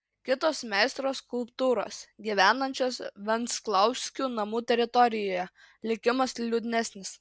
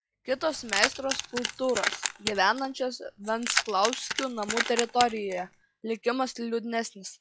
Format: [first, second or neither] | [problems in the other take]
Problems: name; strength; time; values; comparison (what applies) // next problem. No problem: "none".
first | noise reduction (classical method log-MMSE)